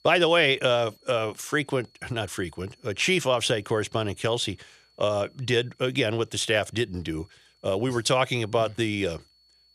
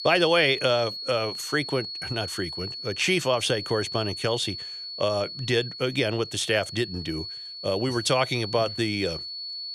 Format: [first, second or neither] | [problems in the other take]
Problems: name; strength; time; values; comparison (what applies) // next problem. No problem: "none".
first | high-pitched whine; loud; throughout; 4.5 kHz, 8 dB below the speech; faint in the first